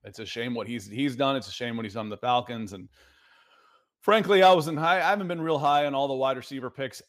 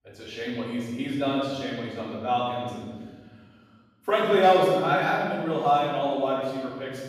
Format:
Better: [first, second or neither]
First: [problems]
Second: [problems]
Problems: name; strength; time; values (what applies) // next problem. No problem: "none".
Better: first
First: none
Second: off-mic speech; far // room echo; strong; dies away in 1.4 s